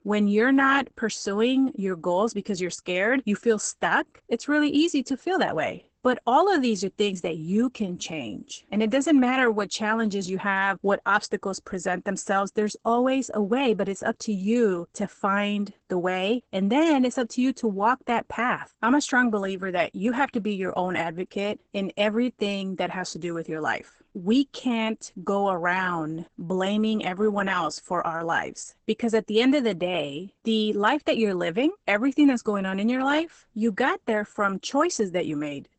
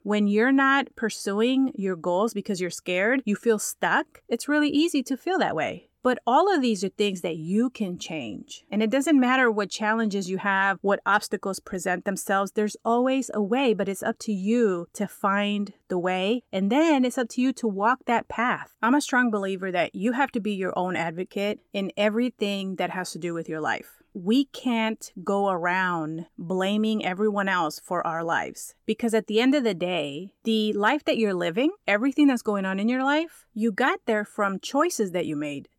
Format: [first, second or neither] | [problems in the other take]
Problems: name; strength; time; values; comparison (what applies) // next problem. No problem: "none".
second | garbled, watery; badly; nothing above 8 kHz